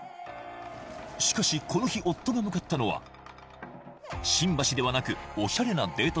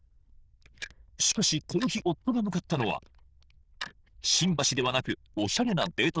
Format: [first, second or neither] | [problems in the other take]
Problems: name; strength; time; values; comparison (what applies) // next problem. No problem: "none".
first | noise reduction (neural diffusion model UNIVERSE++)